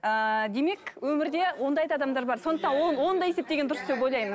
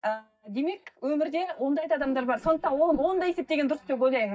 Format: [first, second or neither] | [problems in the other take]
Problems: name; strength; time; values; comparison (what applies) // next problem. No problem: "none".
first | noise reduction (neural mask model DeepFilterNet 3)